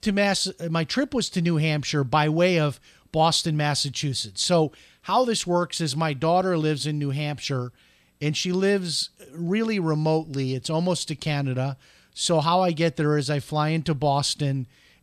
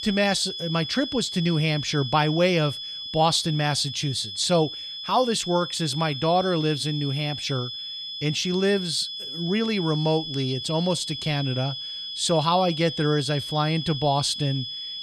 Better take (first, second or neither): first